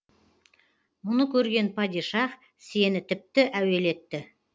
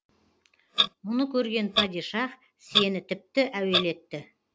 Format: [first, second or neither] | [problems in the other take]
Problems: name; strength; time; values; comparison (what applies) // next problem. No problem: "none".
first | background sound (Clock); 2 dB below the speech